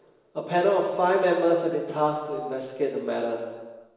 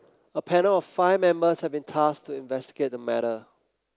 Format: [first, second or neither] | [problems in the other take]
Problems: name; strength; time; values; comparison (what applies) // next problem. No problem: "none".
second | room echo; dies away in 1.2 s